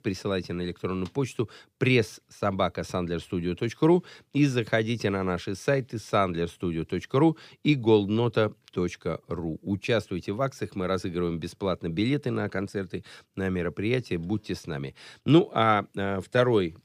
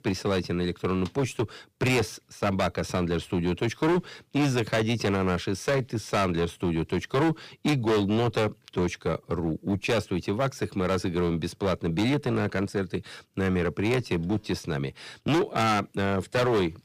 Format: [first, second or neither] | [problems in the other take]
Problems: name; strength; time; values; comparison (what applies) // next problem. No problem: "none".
first | distortion; heavy; 13% of the sound clipped